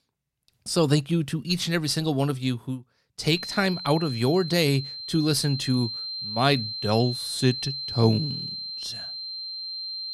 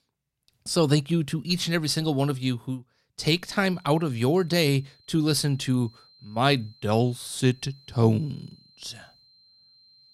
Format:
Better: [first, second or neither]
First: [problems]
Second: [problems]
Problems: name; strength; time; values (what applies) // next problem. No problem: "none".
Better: second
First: high-pitched whine; loud; from 3.5 s on; 4 kHz, 7 dB below the speech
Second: high-pitched whine; faint; from 3.5 s on; 4 kHz, 30 dB below the speech